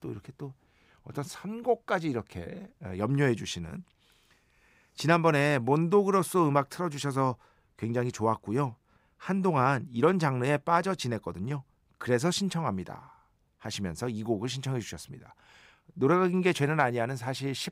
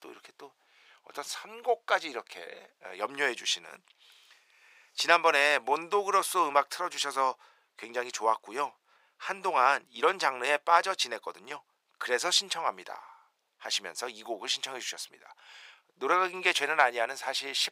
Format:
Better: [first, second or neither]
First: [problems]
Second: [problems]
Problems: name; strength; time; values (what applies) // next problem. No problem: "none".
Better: first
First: none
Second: thin; very; fading below 550 Hz